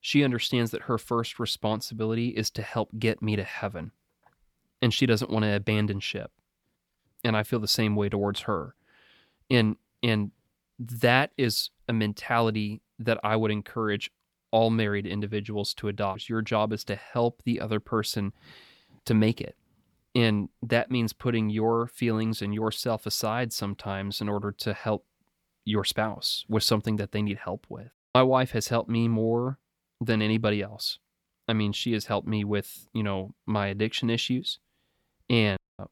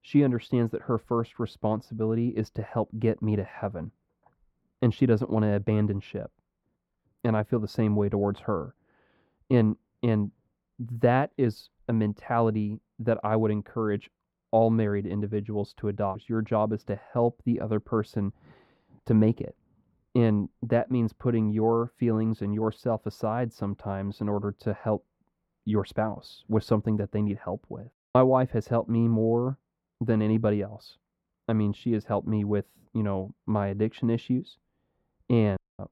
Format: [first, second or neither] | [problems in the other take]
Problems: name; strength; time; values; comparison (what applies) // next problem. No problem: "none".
first | muffled; very; fading above 2 kHz